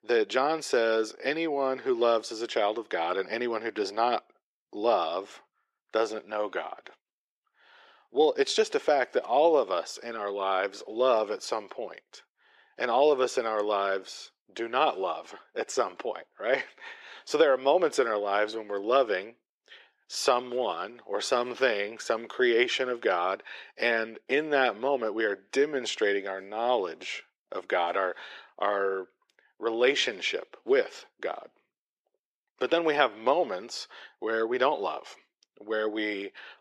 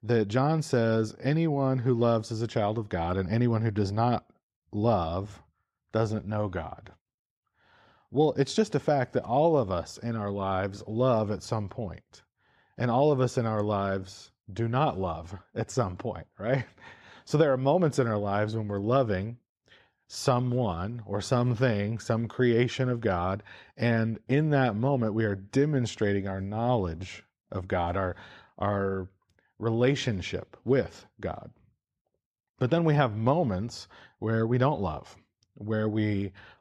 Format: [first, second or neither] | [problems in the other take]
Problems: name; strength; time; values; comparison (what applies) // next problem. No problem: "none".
second | thin; very; fading below 350 Hz